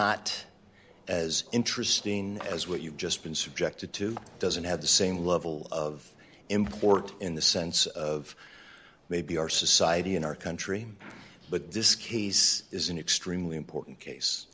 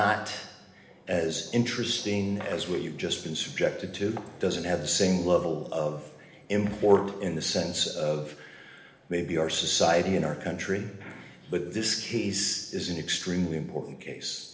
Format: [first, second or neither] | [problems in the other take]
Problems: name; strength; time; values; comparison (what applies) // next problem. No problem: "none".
first | room echo; dies away in 1.1 s